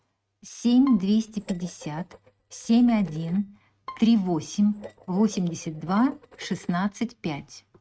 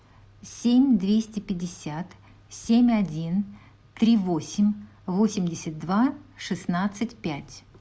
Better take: second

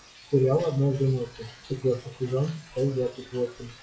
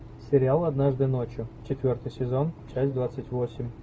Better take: second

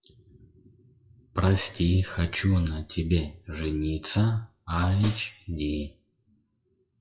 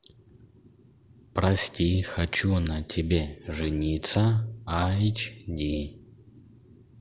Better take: second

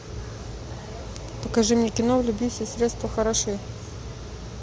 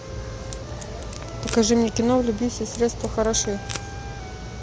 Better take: first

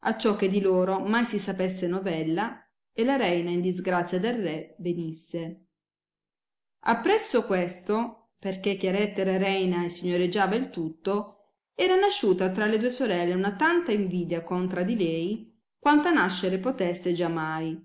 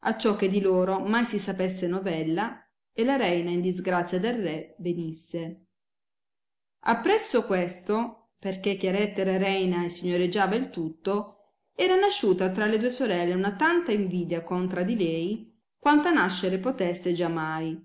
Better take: second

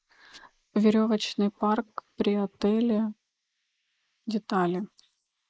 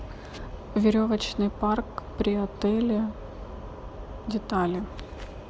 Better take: second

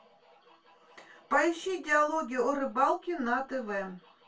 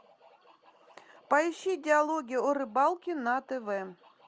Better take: second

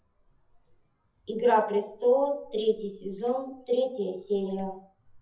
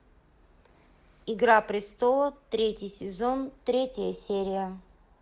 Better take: second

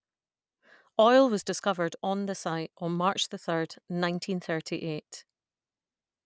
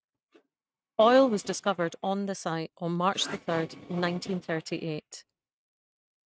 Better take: first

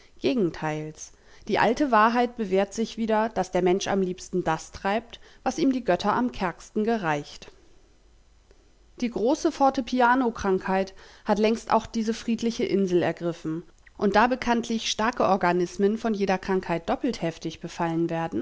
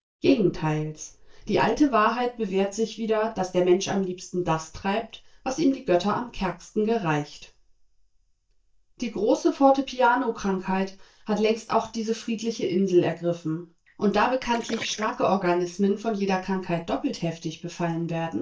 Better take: first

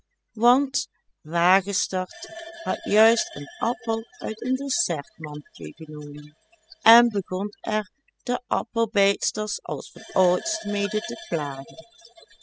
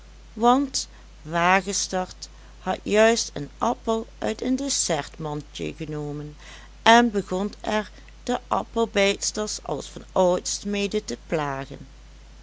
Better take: second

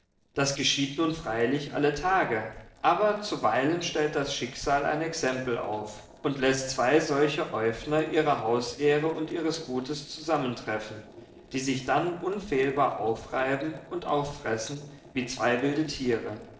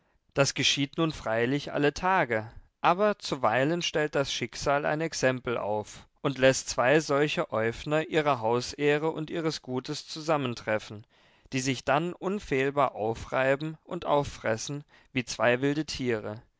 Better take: second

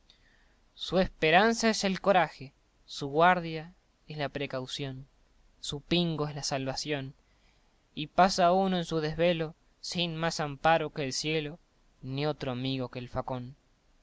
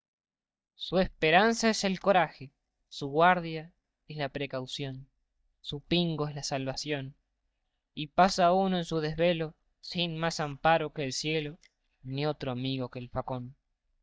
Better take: first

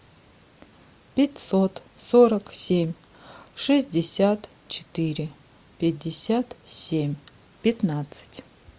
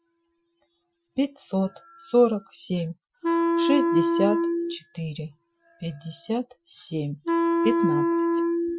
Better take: first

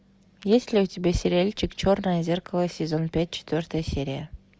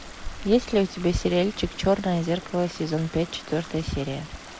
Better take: first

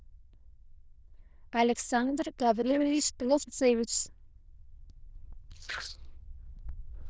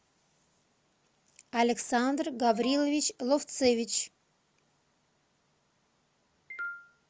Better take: second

